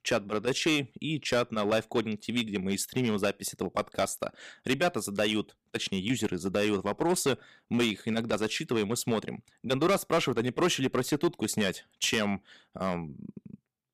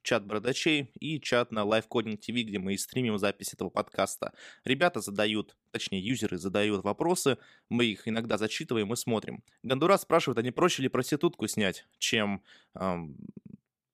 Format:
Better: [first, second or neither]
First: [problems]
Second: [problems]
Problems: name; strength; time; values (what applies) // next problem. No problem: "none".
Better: second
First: distortion; slight; 4% of the sound clipped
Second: none